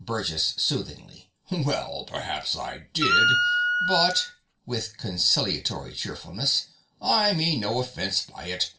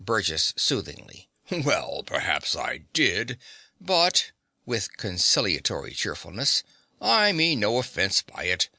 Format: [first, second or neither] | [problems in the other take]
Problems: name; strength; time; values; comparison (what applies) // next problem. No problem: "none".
second | background sound (Wind instrument, woodwind instrument); 4 dB above the speech // room echo; dies away in 0.2 s